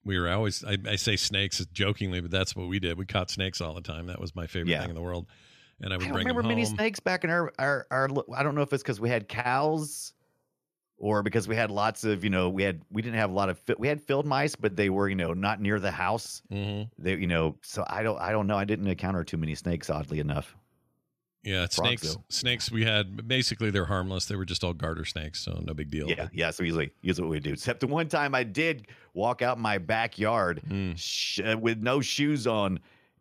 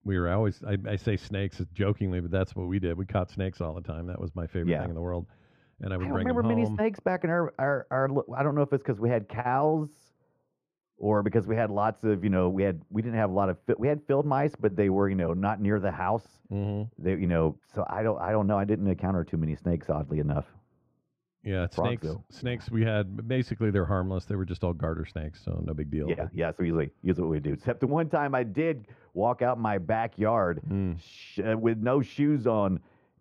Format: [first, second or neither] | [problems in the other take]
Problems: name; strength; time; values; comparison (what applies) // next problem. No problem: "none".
first | muffled; very; fading above 2.5 kHz